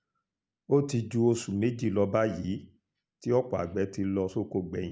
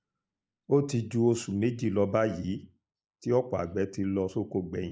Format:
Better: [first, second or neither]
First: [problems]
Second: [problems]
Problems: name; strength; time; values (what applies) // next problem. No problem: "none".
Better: first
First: none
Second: noise reduction (neural mask model Resemble Enhance denoiser)